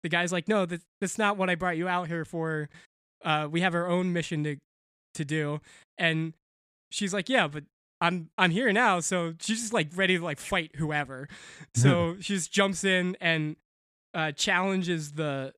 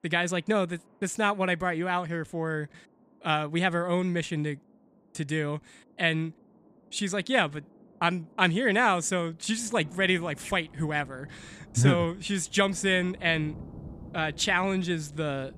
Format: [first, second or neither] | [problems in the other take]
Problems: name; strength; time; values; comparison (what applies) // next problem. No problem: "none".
first | rain or running water; faint; throughout; 25 dB below the speech